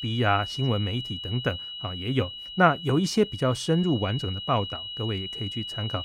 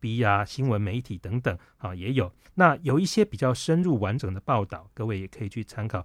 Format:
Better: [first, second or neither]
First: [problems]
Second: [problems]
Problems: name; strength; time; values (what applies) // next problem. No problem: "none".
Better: second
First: high-pitched whine; loud; throughout; 3 kHz, 8 dB below the speech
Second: none